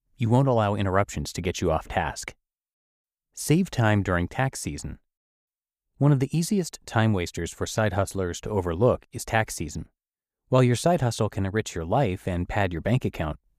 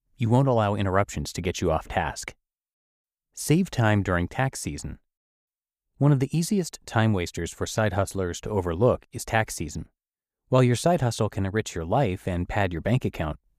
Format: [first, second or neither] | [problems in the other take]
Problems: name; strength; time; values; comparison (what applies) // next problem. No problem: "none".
neither | none